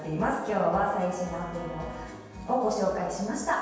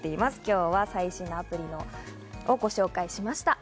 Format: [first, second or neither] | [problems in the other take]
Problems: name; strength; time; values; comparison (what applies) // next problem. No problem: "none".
second | background sound (Bowed string instrument); 17 dB below the speech // room echo; dies away in 1.2 s